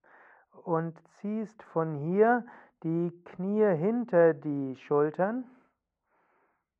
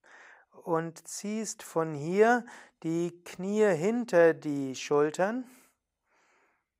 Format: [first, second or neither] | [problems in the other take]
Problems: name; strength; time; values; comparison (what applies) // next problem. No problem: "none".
second | muffled; very; fading above 1 kHz